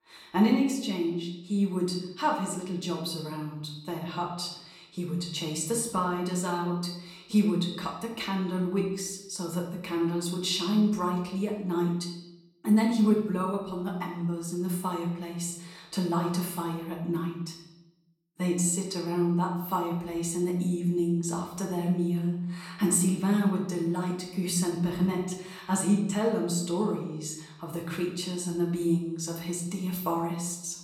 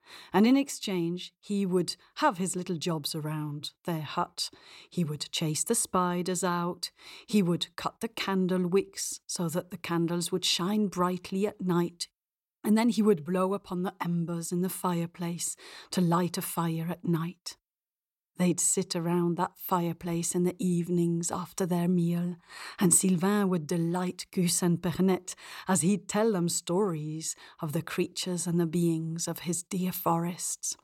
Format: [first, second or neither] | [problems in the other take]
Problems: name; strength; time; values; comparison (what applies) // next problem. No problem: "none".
second | room echo; noticeable; dies away in 0.7 s // off-mic speech; far